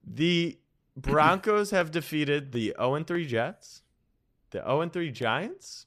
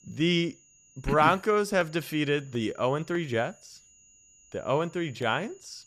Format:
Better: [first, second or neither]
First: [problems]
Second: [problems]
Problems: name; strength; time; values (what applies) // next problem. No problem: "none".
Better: first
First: none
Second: high-pitched whine; faint; throughout; 7 kHz, 30 dB below the speech